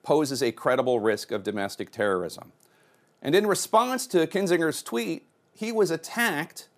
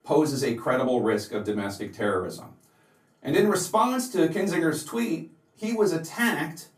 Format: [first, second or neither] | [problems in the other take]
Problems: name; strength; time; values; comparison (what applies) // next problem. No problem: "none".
first | off-mic speech; far // room echo; very slight; dies away in 0.2 s